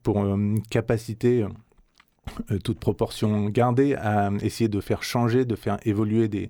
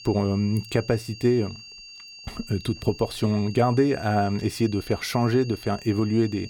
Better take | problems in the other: first | high-pitched whine; noticeable; throughout; 4.5 kHz, 15 dB below the speech

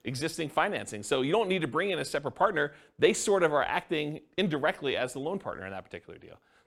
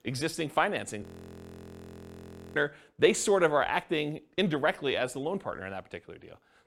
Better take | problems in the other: first | audio freezing; at 1 s for 1.5 s

